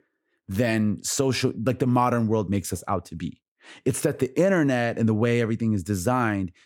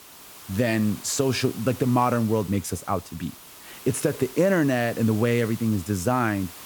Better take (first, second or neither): first